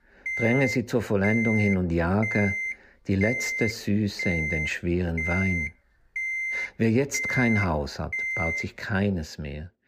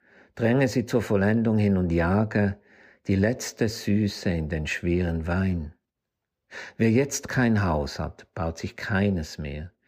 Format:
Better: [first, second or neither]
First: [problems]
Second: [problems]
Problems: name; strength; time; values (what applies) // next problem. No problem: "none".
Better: second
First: alarm; loud; until 8.5 s; peak level with the speech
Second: none